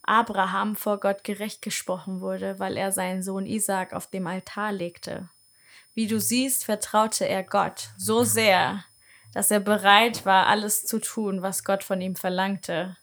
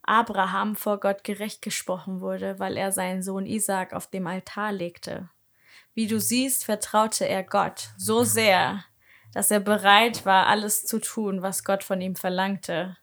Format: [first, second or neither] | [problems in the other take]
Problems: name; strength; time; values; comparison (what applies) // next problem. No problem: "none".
second | high-pitched whine; faint; throughout; 9.5 kHz, 35 dB below the speech